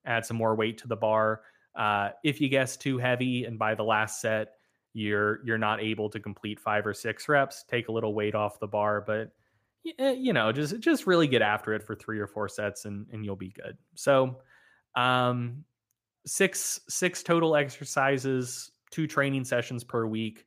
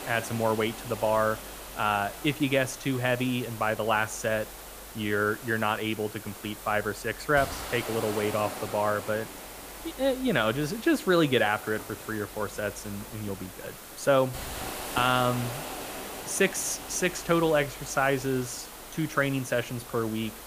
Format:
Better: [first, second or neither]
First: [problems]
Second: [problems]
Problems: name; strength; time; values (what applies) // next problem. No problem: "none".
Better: first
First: none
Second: hiss; noticeable; throughout; 10 dB below the speech